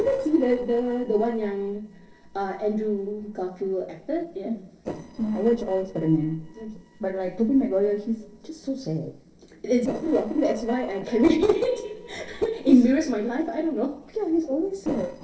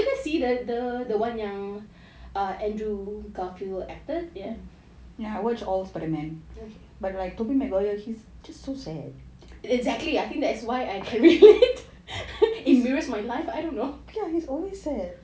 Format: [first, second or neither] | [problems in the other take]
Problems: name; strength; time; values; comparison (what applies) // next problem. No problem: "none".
second | noise reduction (neural separator model SepFormer DNS4)